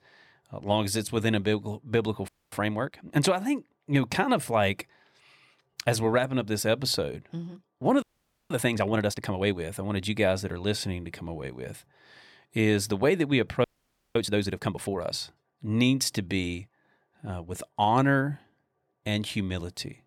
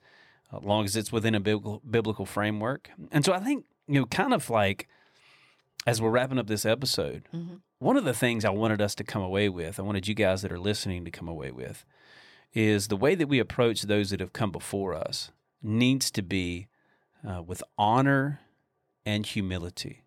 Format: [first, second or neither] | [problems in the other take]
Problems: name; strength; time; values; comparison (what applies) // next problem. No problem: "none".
second | audio freezing; at 2.5 s, at 8 s and at 14 s for 0.5 s